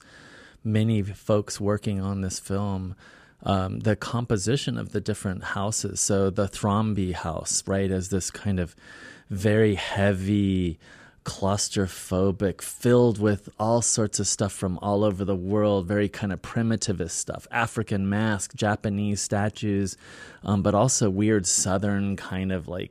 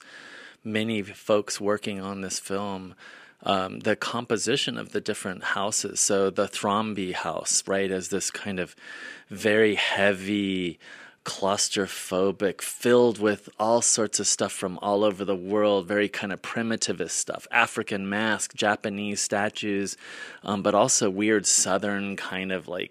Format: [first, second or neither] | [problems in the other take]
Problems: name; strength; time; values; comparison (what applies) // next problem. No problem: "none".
first | thin; somewhat; fading below 250 Hz